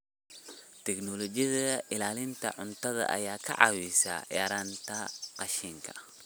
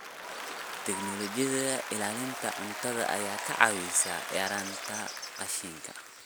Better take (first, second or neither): first